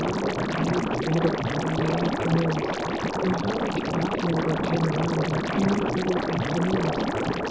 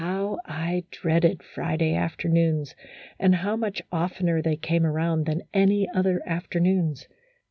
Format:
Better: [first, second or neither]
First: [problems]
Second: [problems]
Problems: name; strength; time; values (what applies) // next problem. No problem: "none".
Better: second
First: background sound (Liquid); 2 dB above the speech // room echo; dies away in 0.2 s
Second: none